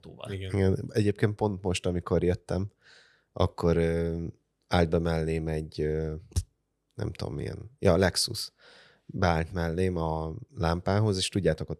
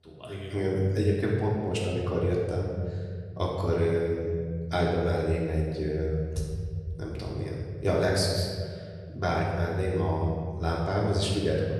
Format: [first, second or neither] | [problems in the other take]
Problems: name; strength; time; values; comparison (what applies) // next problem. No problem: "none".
first | off-mic speech; far // room echo; noticeable; dies away in 2.2 s